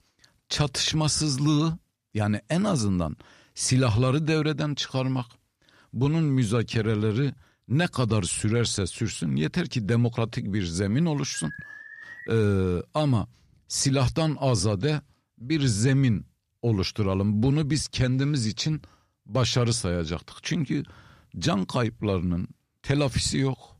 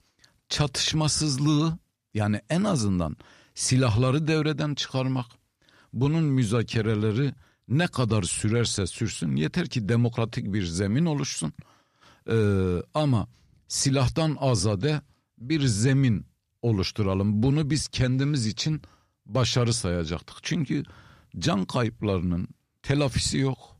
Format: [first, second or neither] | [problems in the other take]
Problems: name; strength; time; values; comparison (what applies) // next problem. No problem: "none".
second | alarm; faint; at 11 s; peak 15 dB below the speech